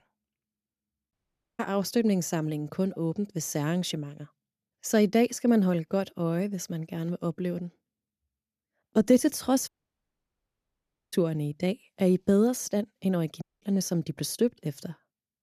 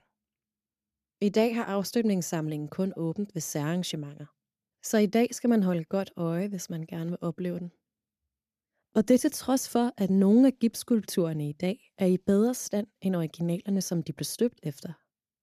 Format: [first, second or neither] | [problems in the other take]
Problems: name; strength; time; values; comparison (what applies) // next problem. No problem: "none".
second | audio cutting out; at 1 s, at 9.5 s for 1.5 s and at 13 s